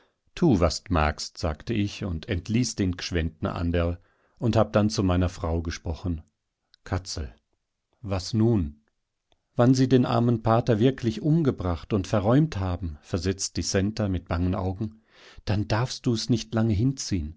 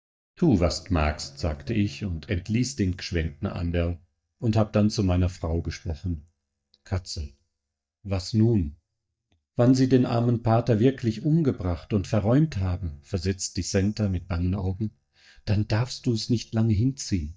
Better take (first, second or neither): first